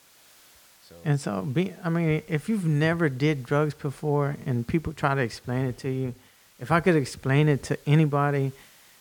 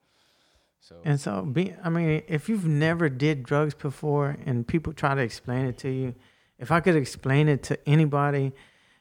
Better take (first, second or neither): second